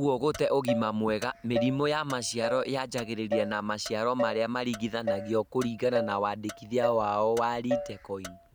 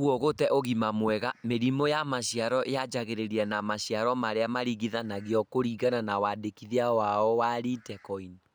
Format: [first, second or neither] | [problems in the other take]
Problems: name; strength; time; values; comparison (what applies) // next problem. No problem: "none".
second | background sound (Motor vehicle (road)); 7 dB below the speech